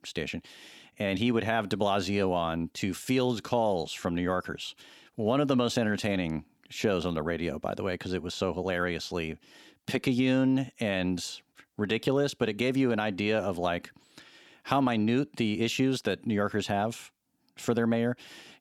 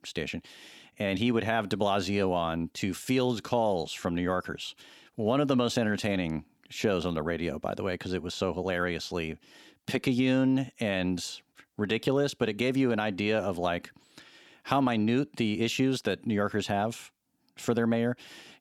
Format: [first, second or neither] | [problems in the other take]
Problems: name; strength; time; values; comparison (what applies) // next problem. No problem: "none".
neither | none